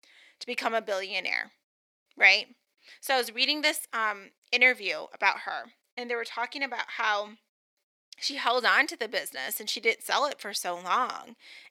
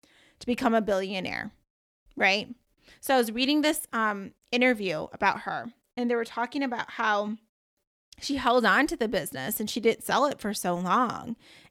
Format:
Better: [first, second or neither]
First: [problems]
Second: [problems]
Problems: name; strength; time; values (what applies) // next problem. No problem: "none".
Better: second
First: thin; somewhat; fading below 500 Hz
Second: none